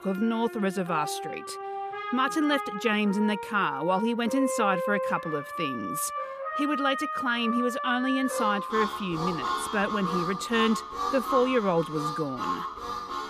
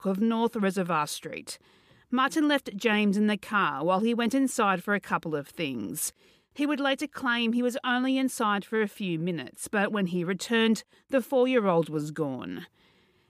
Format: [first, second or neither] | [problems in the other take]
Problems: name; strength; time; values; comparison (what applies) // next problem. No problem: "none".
second | background music; loud; throughout; 4 dB below the speech